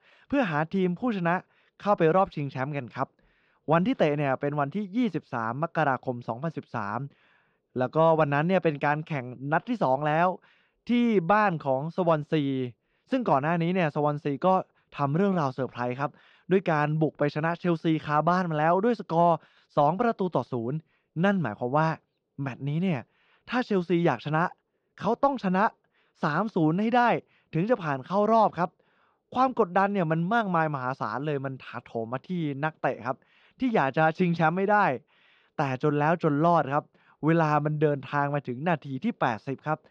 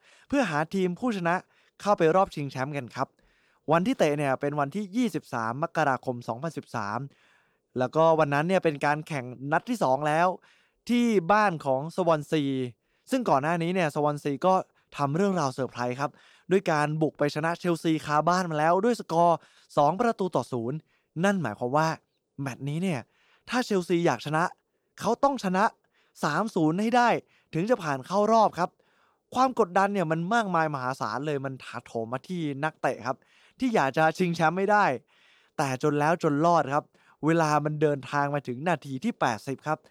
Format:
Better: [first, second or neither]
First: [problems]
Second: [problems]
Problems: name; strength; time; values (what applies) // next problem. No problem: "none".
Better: second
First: muffled; slightly; fading above 3.5 kHz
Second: none